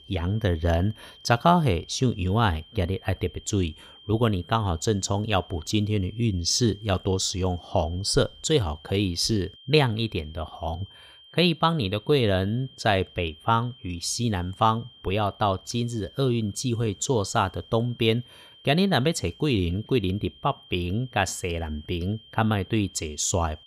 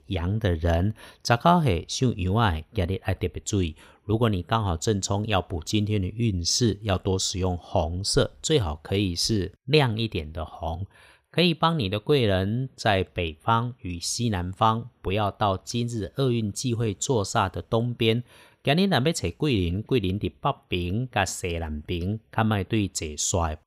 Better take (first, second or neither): second